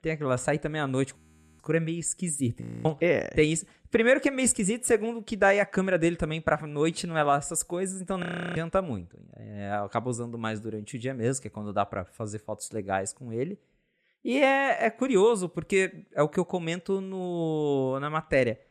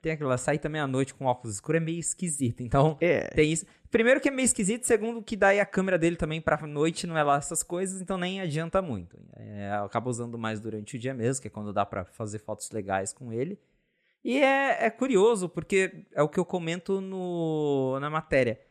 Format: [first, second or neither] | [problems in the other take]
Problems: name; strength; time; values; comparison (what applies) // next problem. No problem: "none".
second | audio freezing; at 1 s, at 2.5 s and at 8 s